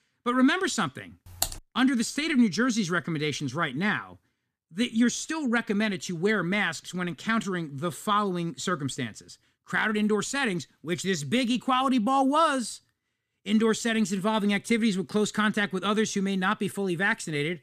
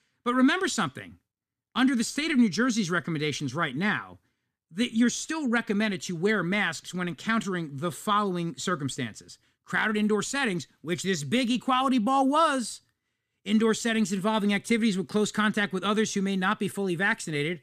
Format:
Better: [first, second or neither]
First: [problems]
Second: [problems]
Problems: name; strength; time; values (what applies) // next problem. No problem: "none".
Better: second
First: keyboard typing; noticeable; at 1.5 s; peak 4 dB below the speech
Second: none